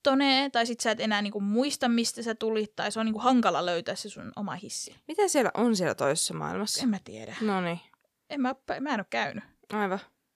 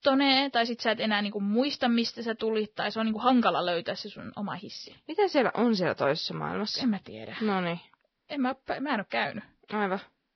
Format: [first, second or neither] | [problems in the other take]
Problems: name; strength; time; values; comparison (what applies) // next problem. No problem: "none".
first | garbled, watery; badly; nothing above 5.5 kHz